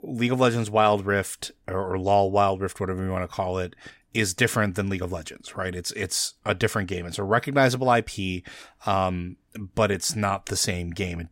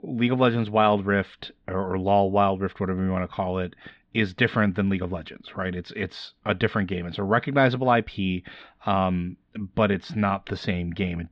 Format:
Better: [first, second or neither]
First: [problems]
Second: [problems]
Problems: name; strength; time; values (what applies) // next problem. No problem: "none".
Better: first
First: none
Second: muffled; very; fading above 4 kHz